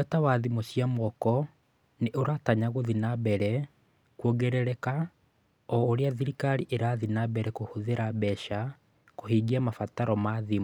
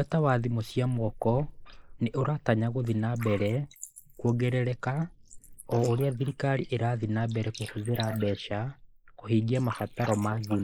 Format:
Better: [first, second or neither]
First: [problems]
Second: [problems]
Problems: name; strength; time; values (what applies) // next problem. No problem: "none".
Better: first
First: none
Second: noise reduction (neural mask model Resemble Enhance denoiser)